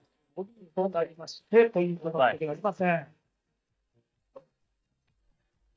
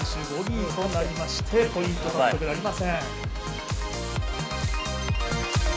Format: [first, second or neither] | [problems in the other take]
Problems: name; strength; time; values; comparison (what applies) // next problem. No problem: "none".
second | noise reduction (neural mask model DeepFilterNet 3)